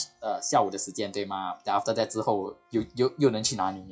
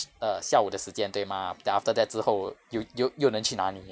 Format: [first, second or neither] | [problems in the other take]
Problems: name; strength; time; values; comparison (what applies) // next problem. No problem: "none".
second | noise reduction (classical method WPE with log-MMSE)